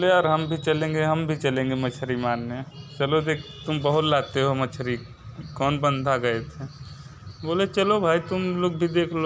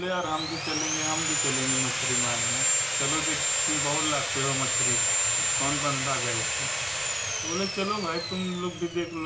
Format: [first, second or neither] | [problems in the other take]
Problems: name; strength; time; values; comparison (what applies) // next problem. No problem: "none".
first | background sound (Sawing); 5 dB above the speech // room echo; dies away in 0.3 s